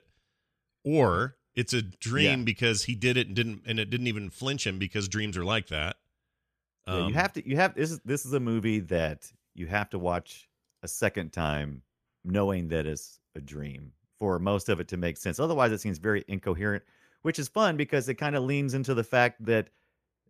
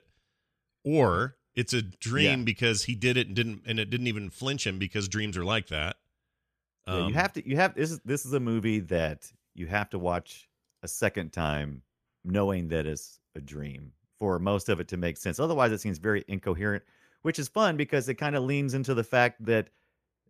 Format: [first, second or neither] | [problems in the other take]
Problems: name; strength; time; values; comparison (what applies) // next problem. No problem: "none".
neither | none